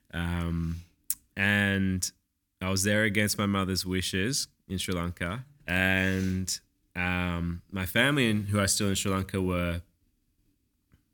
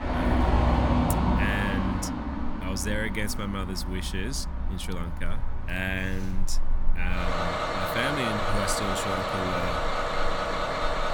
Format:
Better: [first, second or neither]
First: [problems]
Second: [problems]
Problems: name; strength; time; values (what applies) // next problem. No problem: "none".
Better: first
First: none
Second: traffic noise; very loud; throughout; 4 dB above the speech